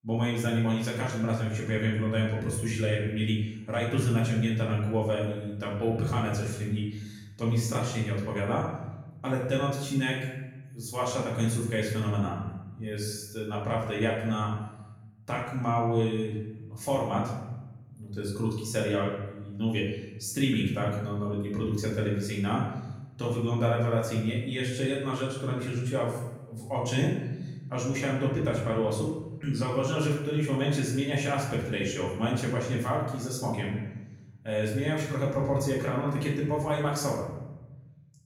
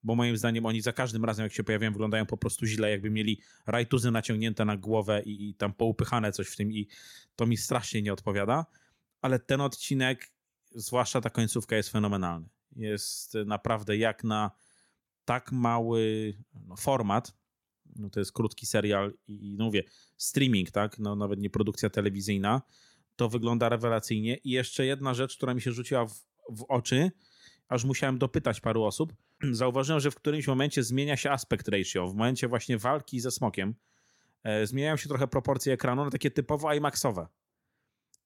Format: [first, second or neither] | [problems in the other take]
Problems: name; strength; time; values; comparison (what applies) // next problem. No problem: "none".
second | room echo; noticeable; dies away in 1.1 s // off-mic speech; far